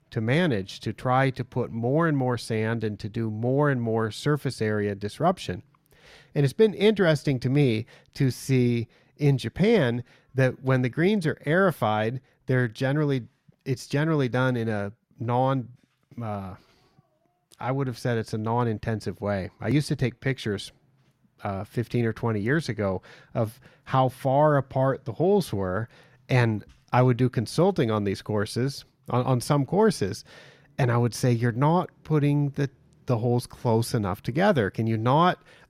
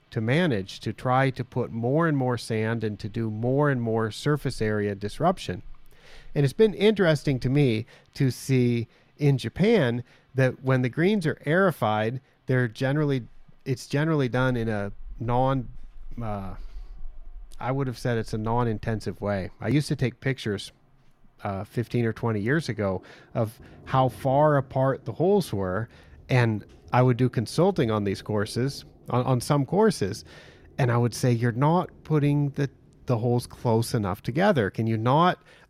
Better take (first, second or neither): first